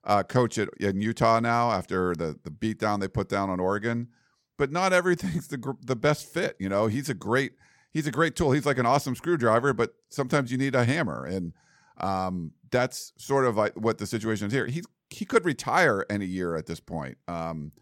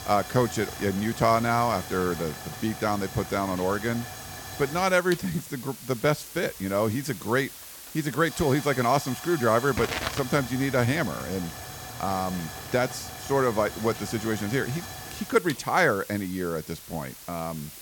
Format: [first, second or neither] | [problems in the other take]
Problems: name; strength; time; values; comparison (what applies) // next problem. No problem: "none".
first | hiss; noticeable; throughout; 10 dB below the speech